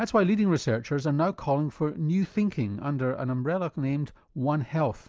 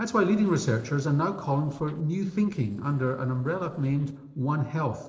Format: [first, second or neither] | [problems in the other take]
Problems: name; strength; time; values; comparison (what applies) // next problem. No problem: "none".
first | noise reduction (neural separator model SepFormer DNS4)